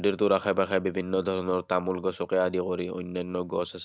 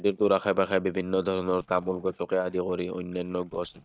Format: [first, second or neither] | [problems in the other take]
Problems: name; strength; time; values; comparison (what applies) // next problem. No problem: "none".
first | noise reduction (neural mask model DeepFilterNet 3)